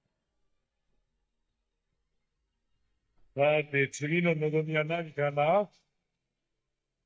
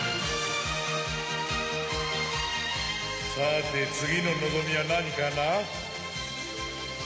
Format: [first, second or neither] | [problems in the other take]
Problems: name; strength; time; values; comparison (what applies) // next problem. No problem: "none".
second | noise reduction (neural mask model DeepFilterNet 3)